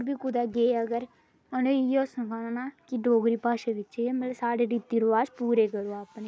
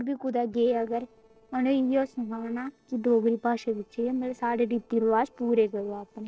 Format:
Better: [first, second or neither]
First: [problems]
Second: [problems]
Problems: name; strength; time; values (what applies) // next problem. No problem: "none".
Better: first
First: none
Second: noise reduction (neural separator model SepFormer DNS4)